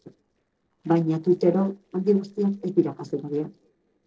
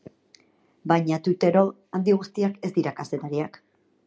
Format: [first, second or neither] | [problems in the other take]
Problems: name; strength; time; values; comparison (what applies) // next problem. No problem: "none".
second | noise reduction (neural separator model SepFormer DNS4)